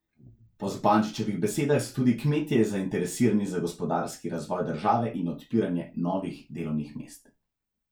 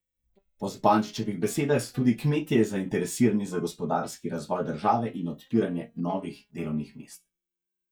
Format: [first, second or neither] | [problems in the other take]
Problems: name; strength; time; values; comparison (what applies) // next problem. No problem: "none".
first | noise reduction (neural mask model DeepFilterNet 3)